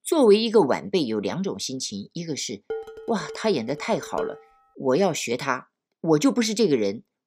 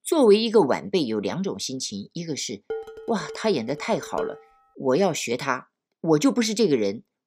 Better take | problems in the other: neither | clattering dishes; noticeable; from 2.5 to 4.5 s; peak 10 dB below the speech; the same in both

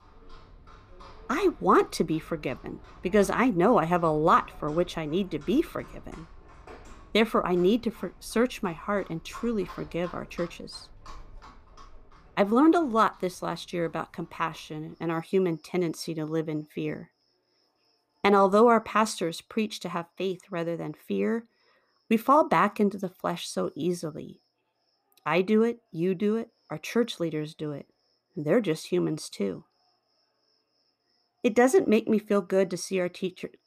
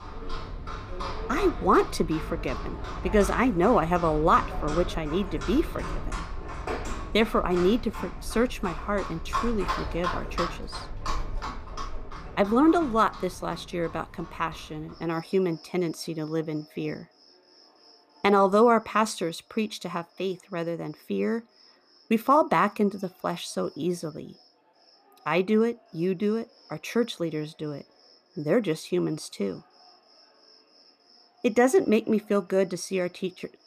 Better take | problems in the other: first | animal sounds; loud; throughout; 10 dB below the speech; faint in the first

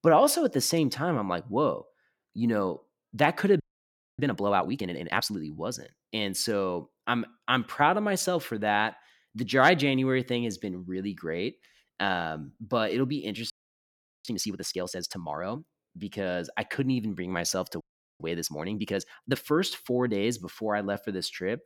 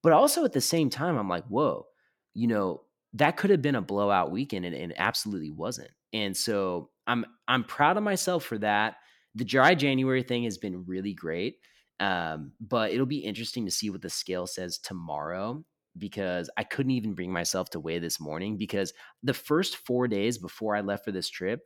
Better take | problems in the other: second | audio freezing; at 3.5 s for 0.5 s, at 14 s for 1 s and at 18 s

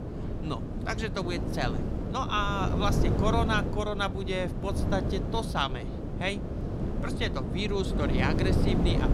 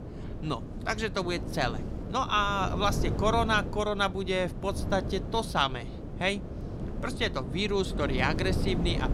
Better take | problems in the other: second | wind noise on the microphone; heavy; 6 dB below the speech; occasional gusts in the second

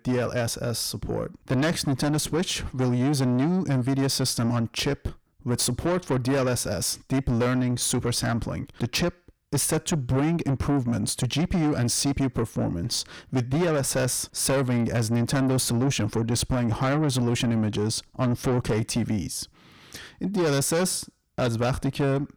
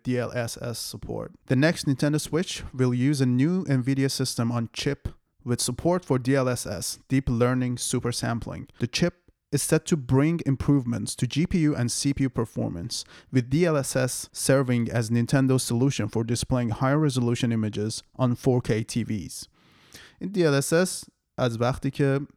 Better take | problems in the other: second | distortion; heavy; 7 dB below the speech

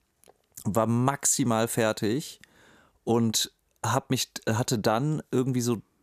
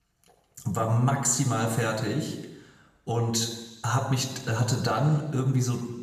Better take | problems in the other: first | room echo; slight; dies away in 1.1 s // off-mic speech; somewhat distant

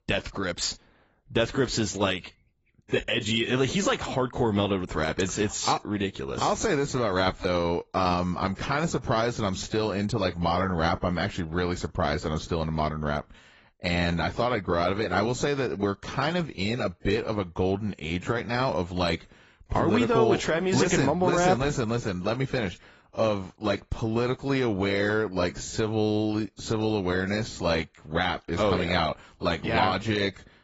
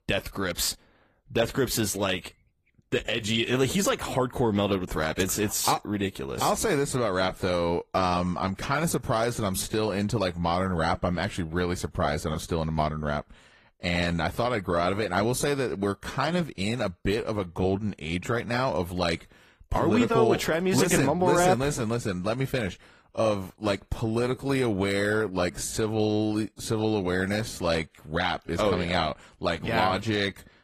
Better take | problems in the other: second | garbled, watery; badly; nothing above 7.5 kHz; slightly in the second

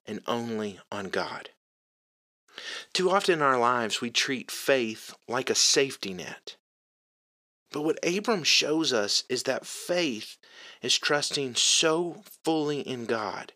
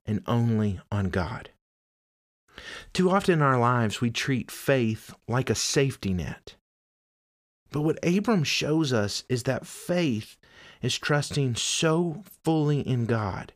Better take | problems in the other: second | thin; somewhat; fading below 350 Hz

